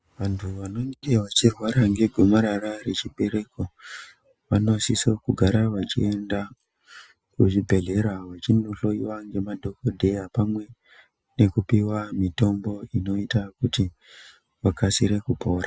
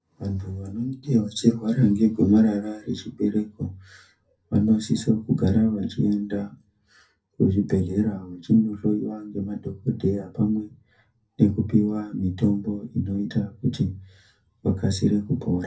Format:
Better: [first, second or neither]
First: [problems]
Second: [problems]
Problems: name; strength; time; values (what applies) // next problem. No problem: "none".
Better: first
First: none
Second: room echo; dies away in 0.3 s